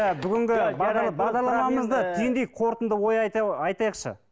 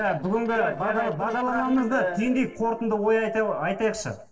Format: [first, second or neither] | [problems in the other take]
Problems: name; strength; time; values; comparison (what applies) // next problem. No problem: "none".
first | noise reduction (neural separator model SepFormer DNS4)